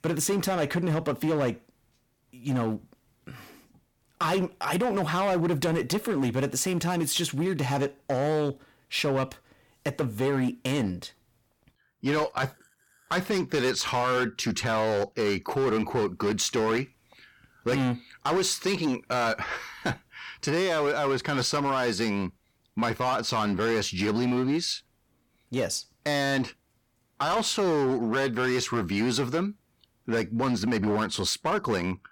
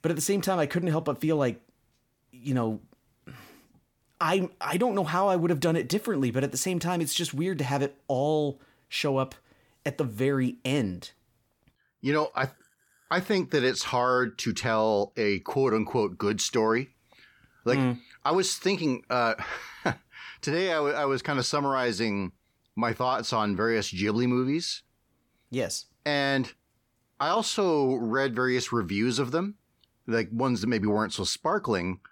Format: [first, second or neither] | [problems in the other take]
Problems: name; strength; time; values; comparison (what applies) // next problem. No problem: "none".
second | distortion; slight; 11% of the sound clipped